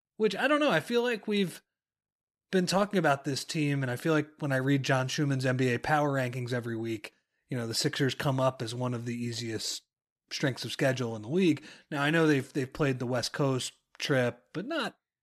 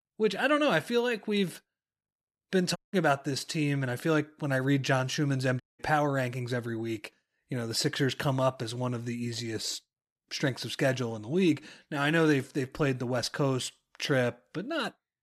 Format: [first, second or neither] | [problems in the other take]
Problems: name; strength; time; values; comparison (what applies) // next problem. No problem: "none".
first | audio cutting out; at 3 s and at 5.5 s